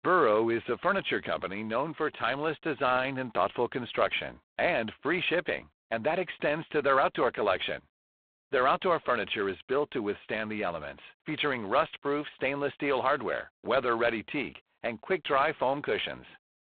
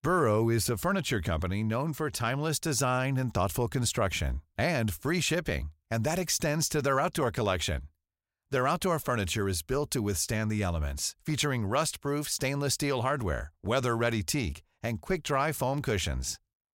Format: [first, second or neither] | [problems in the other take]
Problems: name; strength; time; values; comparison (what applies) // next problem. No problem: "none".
second | phone-call audio; poor line; nothing above 3.5 kHz